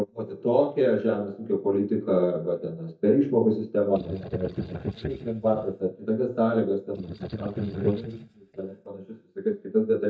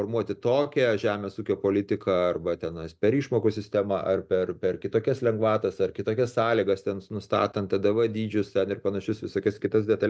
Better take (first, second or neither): second